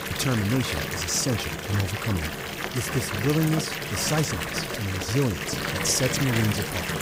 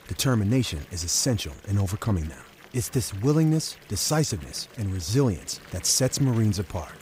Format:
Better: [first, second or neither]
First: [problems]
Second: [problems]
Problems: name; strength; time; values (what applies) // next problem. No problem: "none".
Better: second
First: household noises; loud; throughout; 2 dB below the speech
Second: household noises; faint; throughout; 20 dB below the speech